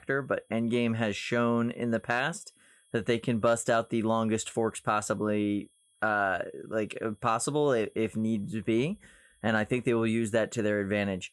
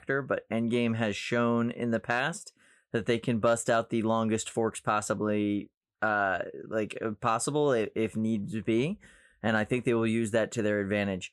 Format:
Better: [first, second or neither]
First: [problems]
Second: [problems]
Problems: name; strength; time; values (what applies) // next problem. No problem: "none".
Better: second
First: high-pitched whine; faint; throughout; 10.5 kHz, 35 dB below the speech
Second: none